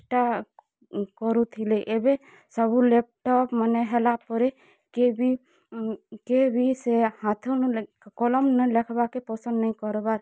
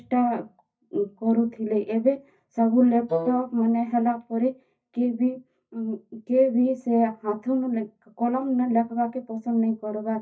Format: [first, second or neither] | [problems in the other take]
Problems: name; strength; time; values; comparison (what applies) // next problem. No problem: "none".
first | noise reduction (neural mask model DeepFilterNet 3)